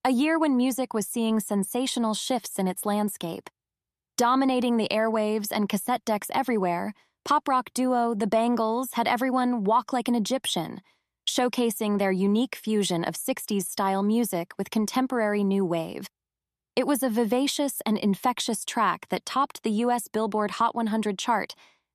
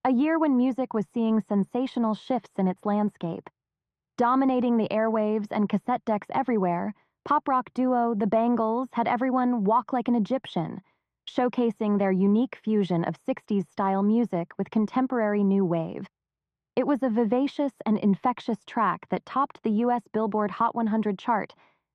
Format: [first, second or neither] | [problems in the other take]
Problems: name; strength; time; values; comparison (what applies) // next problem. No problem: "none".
first | muffled; very; fading above 1.5 kHz